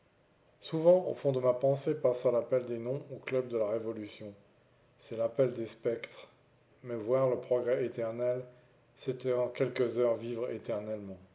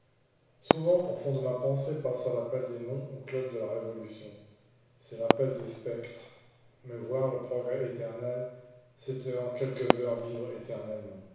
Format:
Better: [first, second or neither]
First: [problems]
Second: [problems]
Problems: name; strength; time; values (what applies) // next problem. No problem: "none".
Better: first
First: none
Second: background sound (Fireworks); 4 dB below the speech // room echo; dies away in 1.1 s